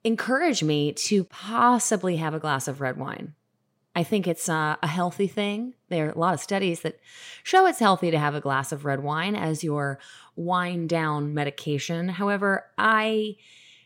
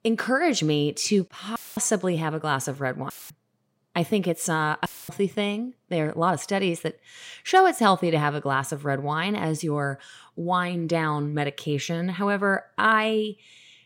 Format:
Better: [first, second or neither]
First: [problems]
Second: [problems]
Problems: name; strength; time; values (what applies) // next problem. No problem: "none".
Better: first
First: none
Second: audio cutting out; filled with static; at 1.5 s, at 3 s and at 5 s